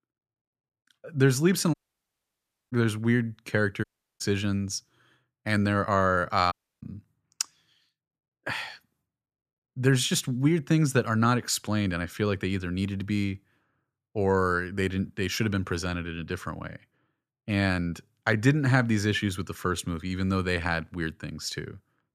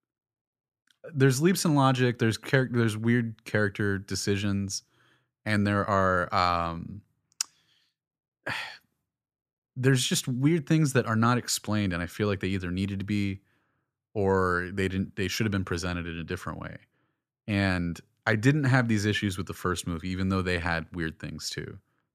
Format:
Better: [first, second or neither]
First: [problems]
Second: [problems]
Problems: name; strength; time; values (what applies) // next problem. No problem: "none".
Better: second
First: audio cutting out; at 1.5 s for 1 s, at 4 s and at 6.5 s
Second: none